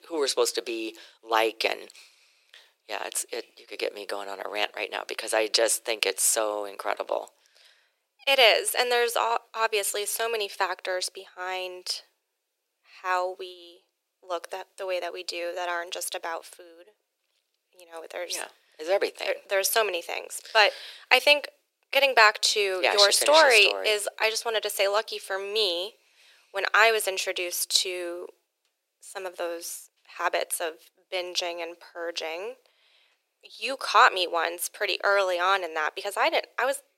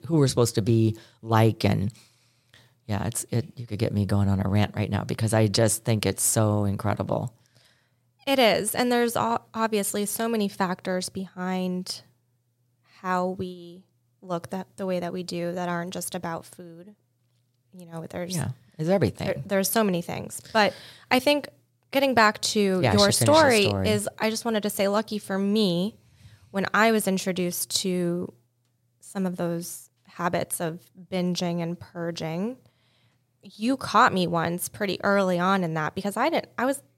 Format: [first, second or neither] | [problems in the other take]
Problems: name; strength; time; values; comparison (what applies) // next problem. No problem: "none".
second | thin; very; fading below 400 Hz